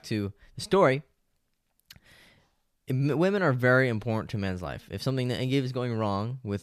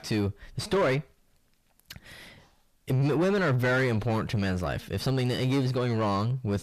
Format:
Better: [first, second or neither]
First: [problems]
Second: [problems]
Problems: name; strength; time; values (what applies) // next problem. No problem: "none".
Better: first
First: none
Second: distortion; heavy; 5 dB below the speech